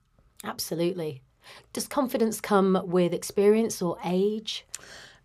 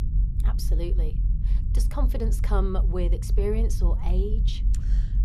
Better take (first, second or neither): first